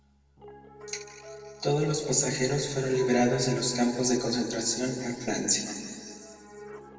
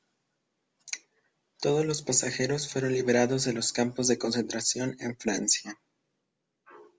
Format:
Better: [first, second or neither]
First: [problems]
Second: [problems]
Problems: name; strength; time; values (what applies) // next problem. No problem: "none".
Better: second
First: background sound (Piano); 19 dB below the speech // room echo; dies away in 2.1 s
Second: none